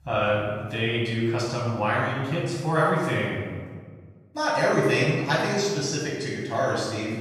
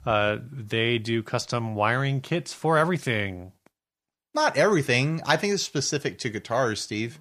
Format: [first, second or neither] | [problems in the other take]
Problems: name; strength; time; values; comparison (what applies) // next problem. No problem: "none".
second | room echo; strong; dies away in 1.4 s // off-mic speech; far